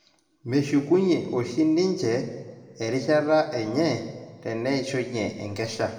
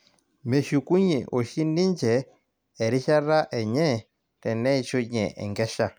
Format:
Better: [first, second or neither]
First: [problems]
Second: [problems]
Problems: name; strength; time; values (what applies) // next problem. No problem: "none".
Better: second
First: room echo; dies away in 1.2 s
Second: none